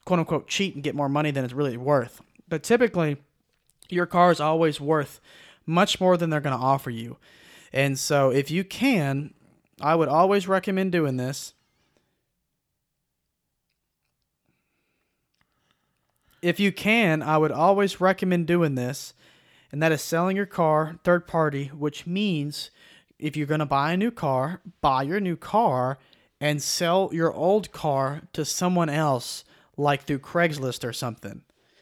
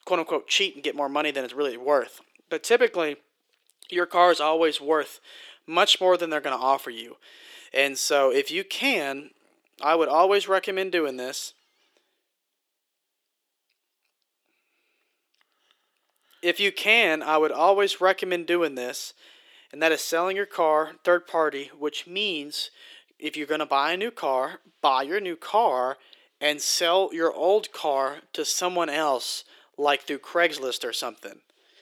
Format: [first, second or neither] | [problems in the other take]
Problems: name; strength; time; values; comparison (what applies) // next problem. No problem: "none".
first | thin; somewhat; fading below 350 Hz